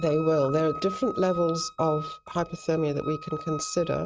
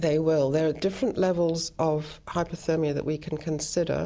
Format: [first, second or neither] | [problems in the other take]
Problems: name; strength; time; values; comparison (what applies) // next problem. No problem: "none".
second | noise reduction (neural mask model RNNoise)